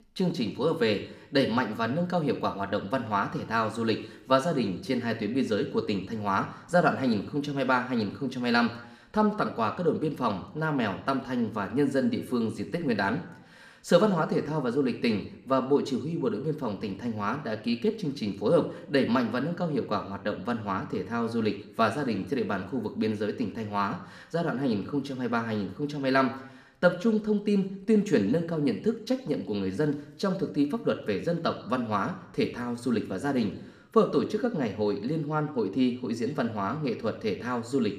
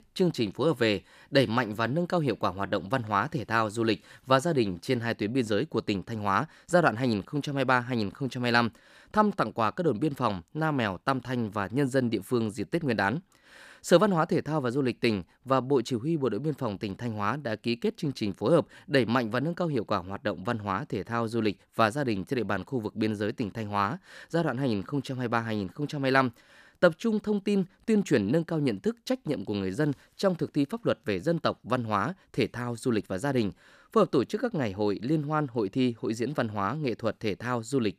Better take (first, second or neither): second